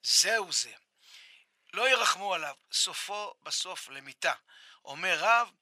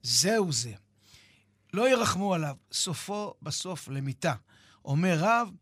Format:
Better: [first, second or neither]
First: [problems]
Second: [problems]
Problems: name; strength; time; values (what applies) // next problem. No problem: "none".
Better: second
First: thin; very; fading below 800 Hz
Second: none